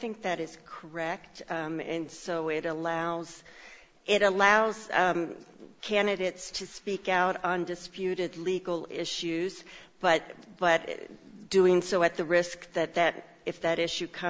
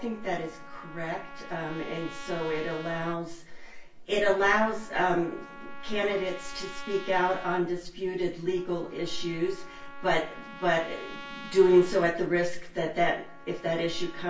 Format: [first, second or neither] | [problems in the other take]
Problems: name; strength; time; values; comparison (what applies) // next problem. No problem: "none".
first | background sound (Trumpet); 17 dB below the speech // room echo; dies away in 0.3 s